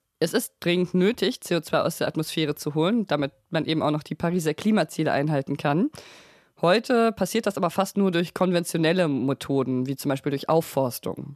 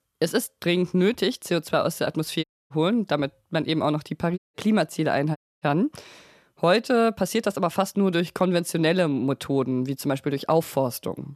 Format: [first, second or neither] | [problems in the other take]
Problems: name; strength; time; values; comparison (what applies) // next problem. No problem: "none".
first | audio cutting out; at 2.5 s, at 4.5 s and at 5.5 s